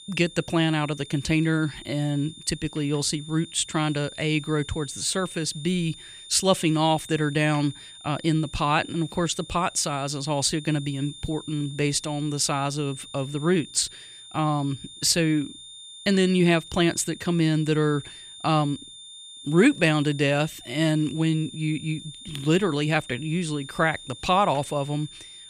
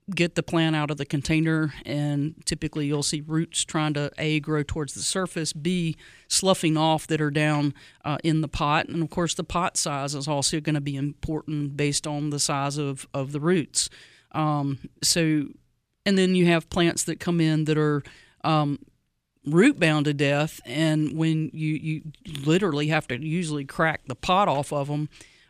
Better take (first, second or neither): second